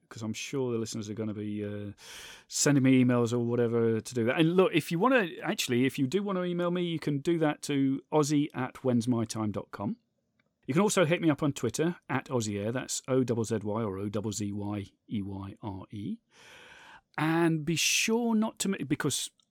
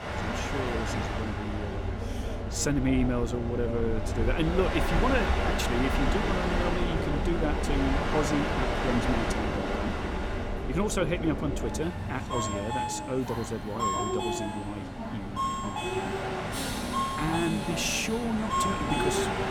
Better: first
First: none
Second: train or aircraft noise; very loud; throughout; 1 dB above the speech

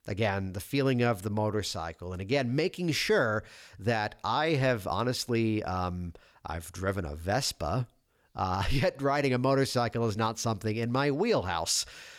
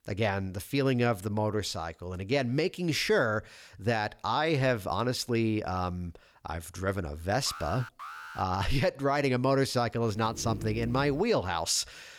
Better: first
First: none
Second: alarm; faint; at 7.5 s; peak 10 dB below the speech // dog barking; noticeable; from 10 to 11 s; peak 10 dB below the speech

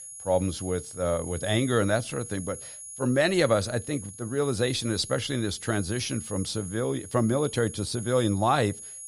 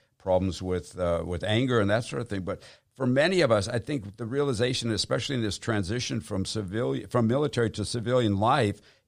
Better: second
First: high-pitched whine; noticeable; throughout; 10.5 kHz, 10 dB below the speech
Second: none

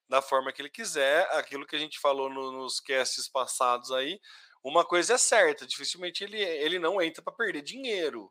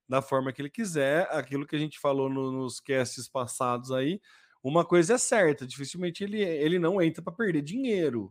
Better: second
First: thin; very; fading below 650 Hz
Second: none

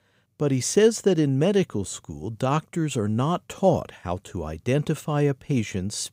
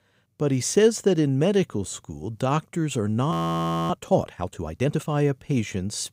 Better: first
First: none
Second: audio freezing; at 3.5 s for 0.5 s

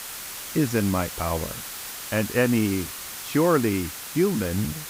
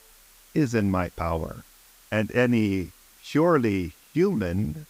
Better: second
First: hiss; loud; throughout; 8 dB below the speech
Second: hiss; faint; throughout; 25 dB below the speech

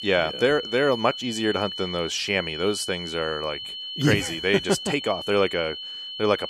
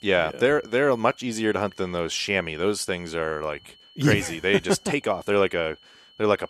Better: second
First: high-pitched whine; loud; throughout; 3 kHz, 8 dB below the speech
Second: high-pitched whine; faint; throughout; 3 kHz, 25 dB below the speech

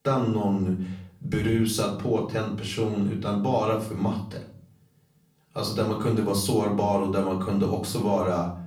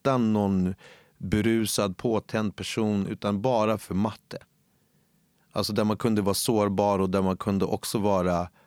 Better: second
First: off-mic speech; far // room echo; slight; dies away in 0.5 s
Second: none

